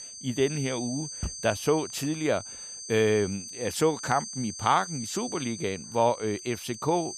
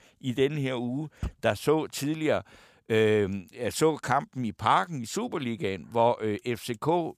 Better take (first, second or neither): second